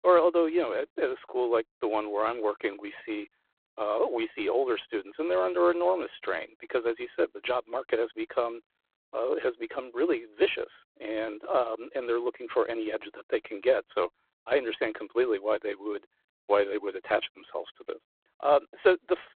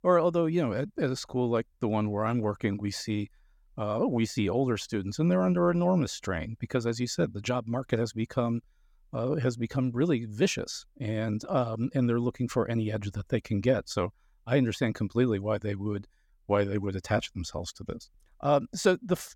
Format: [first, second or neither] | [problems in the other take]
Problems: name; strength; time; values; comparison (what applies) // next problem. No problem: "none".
second | phone-call audio; poor line; nothing above 3.5 kHz